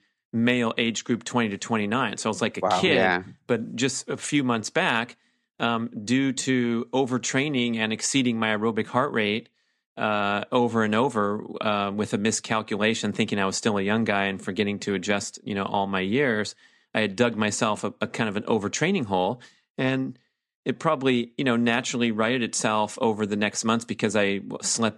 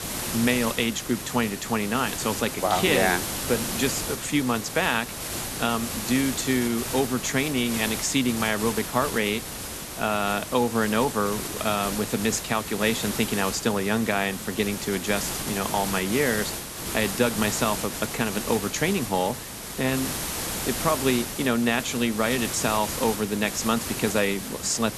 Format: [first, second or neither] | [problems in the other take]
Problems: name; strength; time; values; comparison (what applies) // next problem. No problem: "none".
first | hiss; loud; throughout; 5 dB below the speech